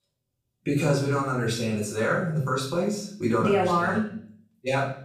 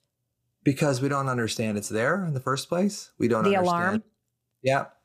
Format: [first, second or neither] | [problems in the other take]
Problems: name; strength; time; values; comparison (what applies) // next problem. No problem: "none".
second | room echo; noticeable; dies away in 0.5 s // off-mic speech; far